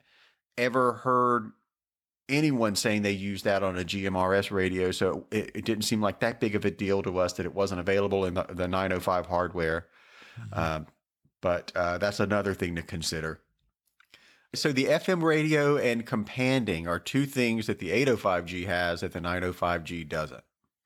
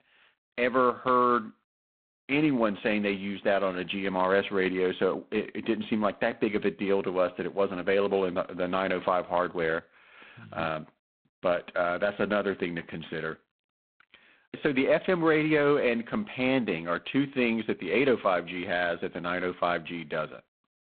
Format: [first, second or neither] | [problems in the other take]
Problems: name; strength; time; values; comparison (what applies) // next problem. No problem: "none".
first | phone-call audio; poor line; nothing above 4 kHz